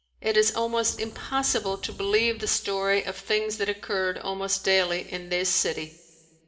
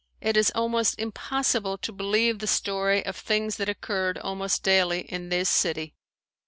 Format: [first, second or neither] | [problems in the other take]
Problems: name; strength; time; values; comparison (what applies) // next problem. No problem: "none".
second | background sound (Wind); 17 dB below the speech // room echo; dies away in 2.2 s